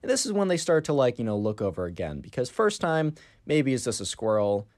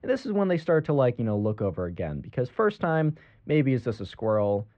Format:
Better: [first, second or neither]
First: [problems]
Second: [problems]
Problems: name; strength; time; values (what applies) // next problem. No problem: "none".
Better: first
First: none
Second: muffled; very; fading above 2.5 kHz